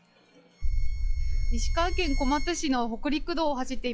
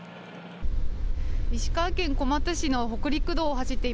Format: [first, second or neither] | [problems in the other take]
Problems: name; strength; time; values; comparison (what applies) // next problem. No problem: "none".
second | noise reduction (classical method log-MMSE)